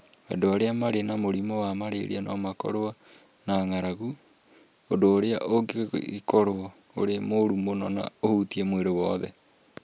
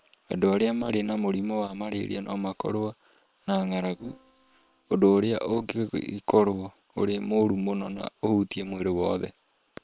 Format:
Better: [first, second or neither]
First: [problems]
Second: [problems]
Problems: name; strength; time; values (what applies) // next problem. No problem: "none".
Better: first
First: none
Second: noise reduction (neural separator model SepFormer WHAM!)